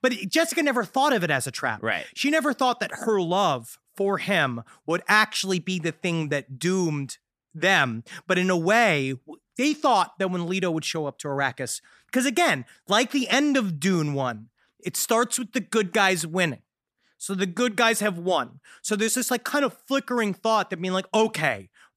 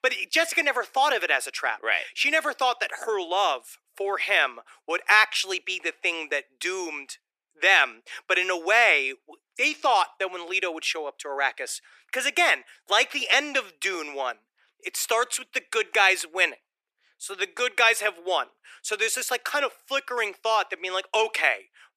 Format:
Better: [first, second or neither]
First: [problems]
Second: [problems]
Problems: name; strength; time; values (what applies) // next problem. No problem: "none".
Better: first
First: none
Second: thin; very; fading below 350 Hz